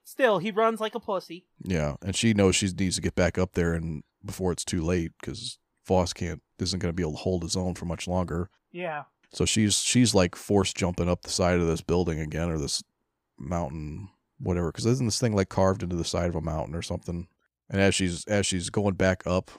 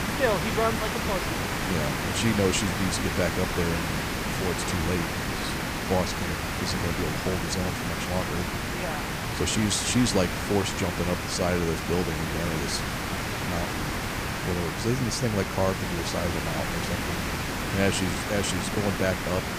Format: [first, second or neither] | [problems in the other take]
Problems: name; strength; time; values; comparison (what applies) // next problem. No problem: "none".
first | hiss; loud; throughout; as loud as the speech